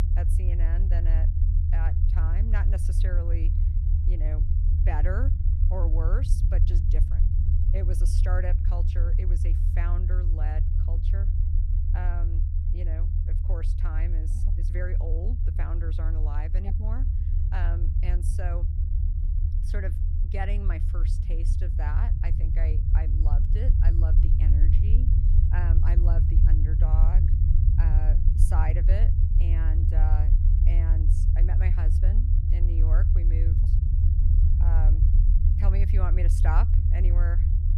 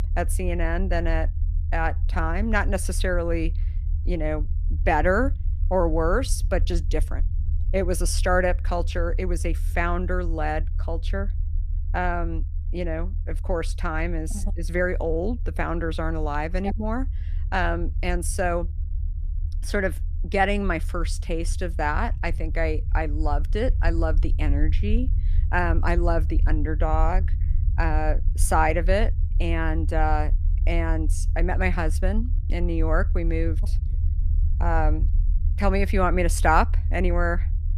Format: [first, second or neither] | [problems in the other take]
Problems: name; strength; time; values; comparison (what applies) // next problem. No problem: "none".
second | low rumble; loud; throughout; 2 dB below the speech; faint in the second